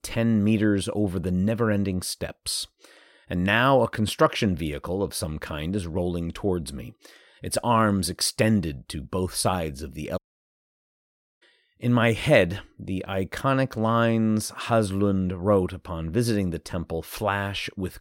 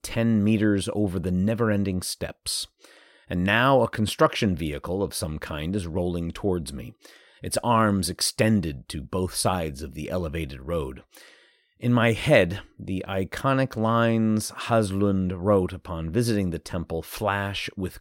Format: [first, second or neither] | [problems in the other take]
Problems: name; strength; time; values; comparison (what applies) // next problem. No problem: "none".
second | audio cutting out; at 10 s for 1 s